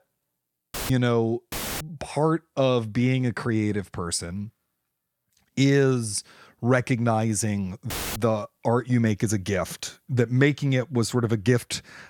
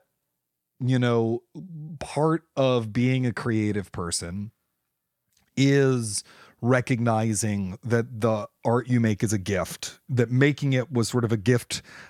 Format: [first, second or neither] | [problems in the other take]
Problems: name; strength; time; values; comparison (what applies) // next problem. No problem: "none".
second | audio cutting out; filled with static; at 0.5 s, at 1.5 s and at 8 s